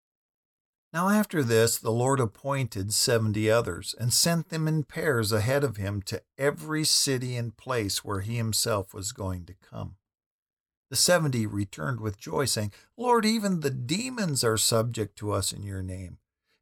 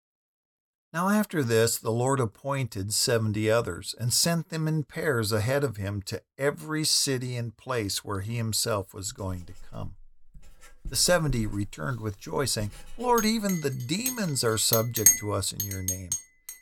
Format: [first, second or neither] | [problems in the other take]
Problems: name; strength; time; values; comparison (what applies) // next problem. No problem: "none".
first | household noises; loud; from 9.5 s on; 1 dB below the speech